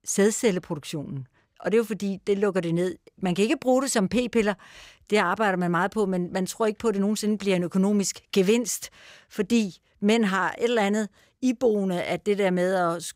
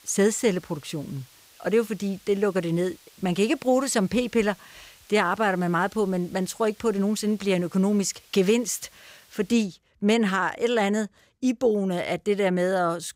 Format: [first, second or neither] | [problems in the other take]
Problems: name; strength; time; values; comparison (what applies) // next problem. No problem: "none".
first | hiss; faint; until 9.5 s; 25 dB below the speech